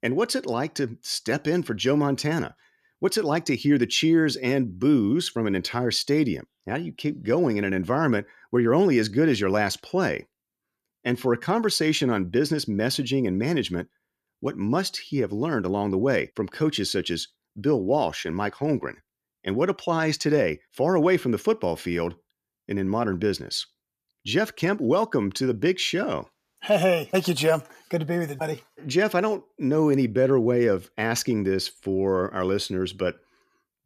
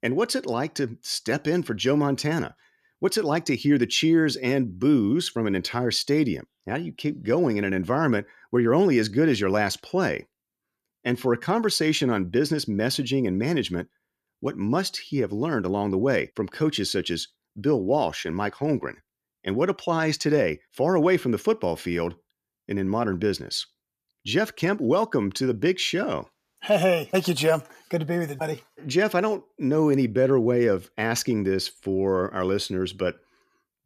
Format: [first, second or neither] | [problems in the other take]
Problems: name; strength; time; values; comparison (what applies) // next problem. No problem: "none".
neither | none